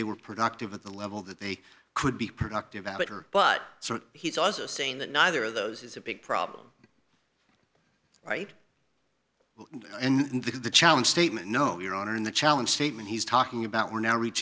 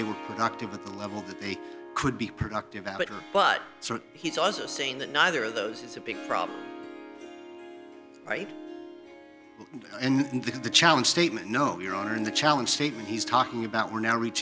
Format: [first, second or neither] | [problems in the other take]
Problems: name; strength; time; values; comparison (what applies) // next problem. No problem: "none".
first | background sound (Harp); 14 dB below the speech